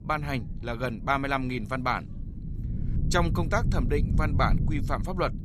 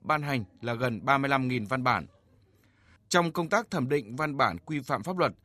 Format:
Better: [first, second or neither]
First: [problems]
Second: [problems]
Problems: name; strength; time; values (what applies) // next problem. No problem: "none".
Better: second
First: low rumble; noticeable; throughout; 15 dB below the speech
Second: none